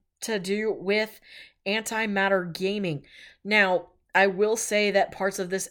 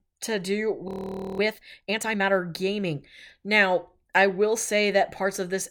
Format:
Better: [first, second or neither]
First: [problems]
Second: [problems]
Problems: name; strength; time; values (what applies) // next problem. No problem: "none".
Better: first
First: none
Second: audio freezing; at 1 s for 0.5 s